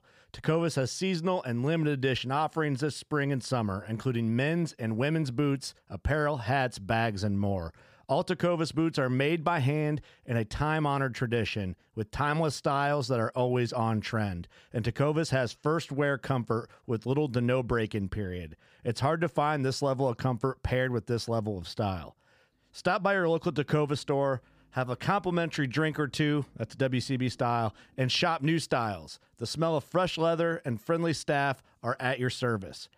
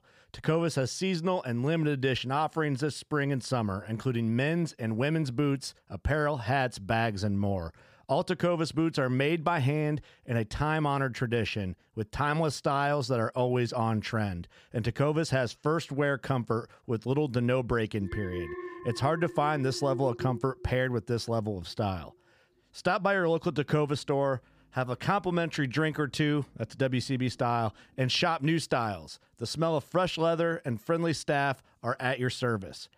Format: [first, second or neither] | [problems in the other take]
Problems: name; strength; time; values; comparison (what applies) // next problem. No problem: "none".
first | alarm; noticeable; from 18 to 21 s; peak 8 dB below the speech